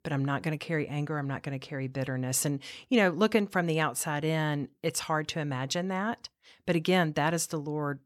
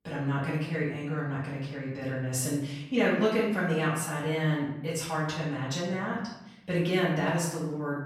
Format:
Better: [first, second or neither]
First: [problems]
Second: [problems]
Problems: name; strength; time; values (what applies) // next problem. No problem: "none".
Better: first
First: none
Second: off-mic speech; far // room echo; noticeable; dies away in 0.8 s